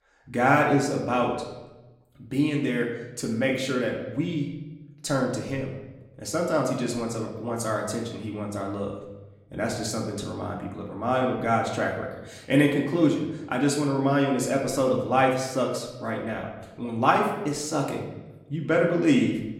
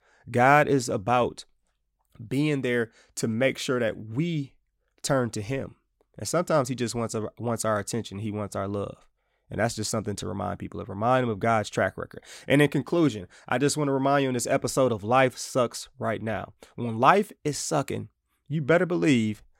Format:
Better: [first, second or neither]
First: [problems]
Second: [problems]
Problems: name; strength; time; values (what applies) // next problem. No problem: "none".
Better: second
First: room echo; slight; dies away in 0.8 s // off-mic speech; somewhat distant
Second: none